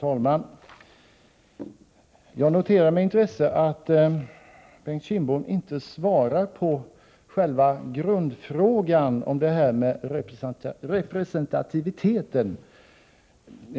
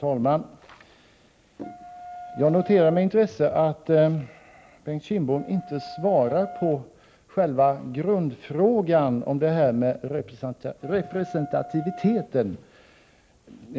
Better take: first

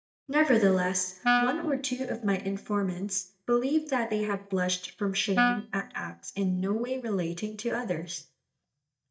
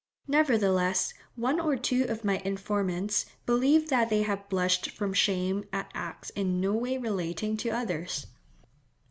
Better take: second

